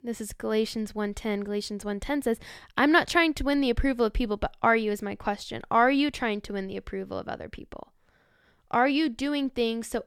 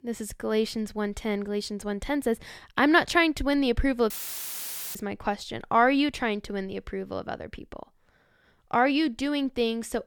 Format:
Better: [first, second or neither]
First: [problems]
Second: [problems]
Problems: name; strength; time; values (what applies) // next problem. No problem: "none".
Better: first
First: none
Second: audio cutting out; filled with static; at 4 s for 1 s